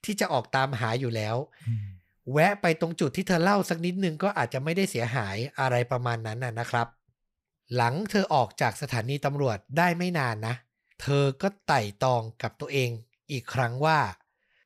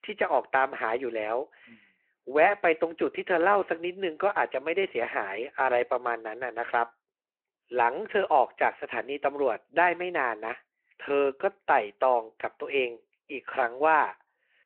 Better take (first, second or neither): first